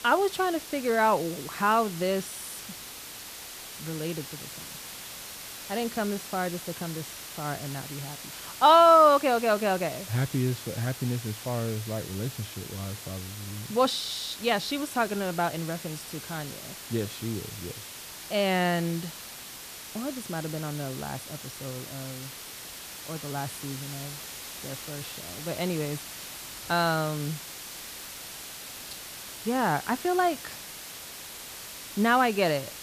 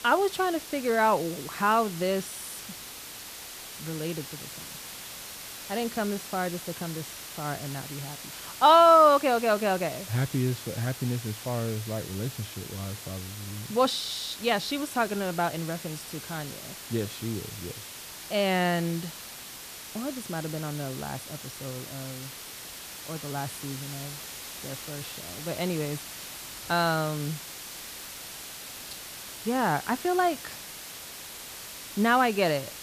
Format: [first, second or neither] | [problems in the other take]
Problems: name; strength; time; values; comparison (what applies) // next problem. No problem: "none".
neither | hiss; noticeable; throughout; 10 dB below the speech; the same in both